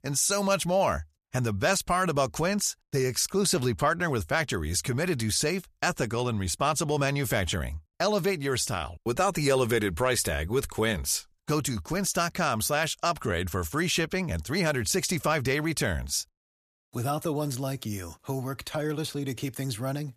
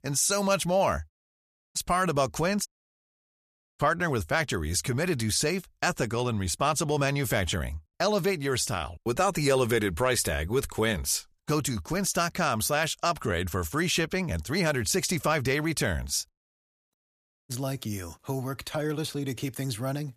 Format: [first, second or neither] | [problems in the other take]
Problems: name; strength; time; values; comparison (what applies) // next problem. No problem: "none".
first | audio cutting out; at 1 s for 0.5 s, at 2.5 s for 1 s and at 17 s for 0.5 s